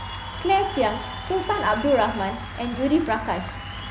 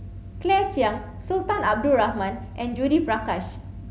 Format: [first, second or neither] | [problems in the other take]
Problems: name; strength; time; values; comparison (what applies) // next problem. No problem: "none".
second | background sound (Applause / Cheering); 12 dB below the speech